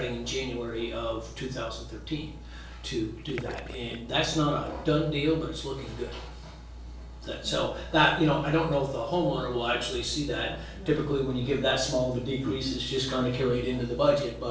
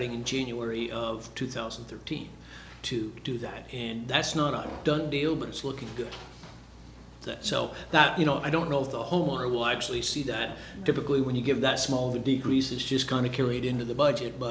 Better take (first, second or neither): second